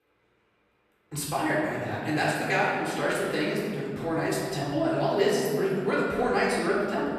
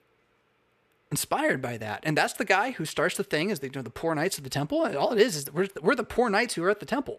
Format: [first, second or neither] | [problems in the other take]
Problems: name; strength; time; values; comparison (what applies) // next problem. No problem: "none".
second | off-mic speech; far // room echo; strong; dies away in 2 s